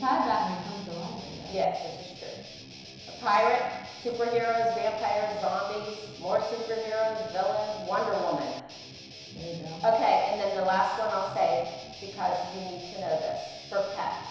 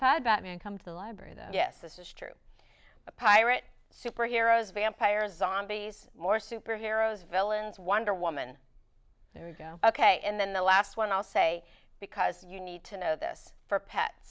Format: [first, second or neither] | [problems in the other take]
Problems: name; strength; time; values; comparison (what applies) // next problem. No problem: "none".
second | background sound (Guitar); 16 dB below the speech // room echo; dies away in 1 s